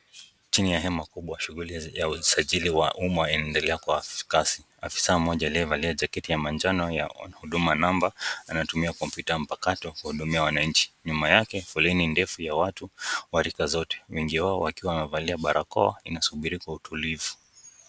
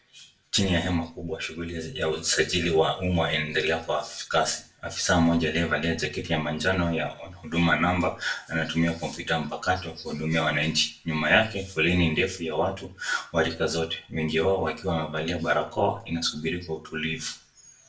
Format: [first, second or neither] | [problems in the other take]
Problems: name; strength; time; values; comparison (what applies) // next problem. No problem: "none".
first | room echo; dies away in 0.3 s